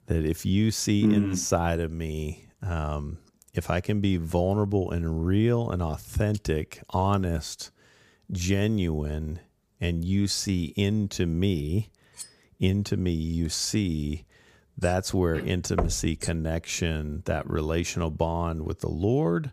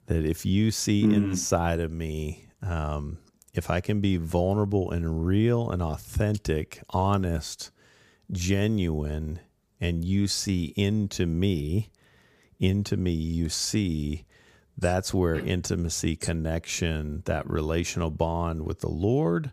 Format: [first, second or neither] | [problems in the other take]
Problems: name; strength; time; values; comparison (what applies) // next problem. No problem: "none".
second | clattering dishes; faint; at 12 s; peak 15 dB below the speech // door banging; noticeable; at 16 s; peak 4 dB below the speech